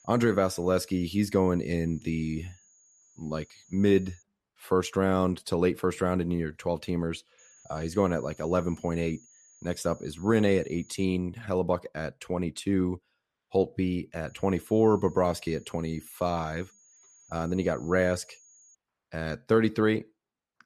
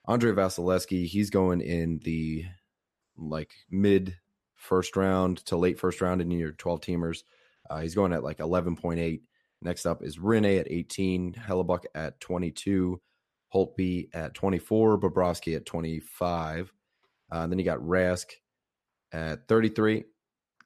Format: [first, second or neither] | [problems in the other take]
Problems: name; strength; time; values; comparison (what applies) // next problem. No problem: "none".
second | high-pitched whine; faint; until 4 s, from 7.5 to 11 s and from 14 to 19 s; 6.5 kHz, 30 dB below the speech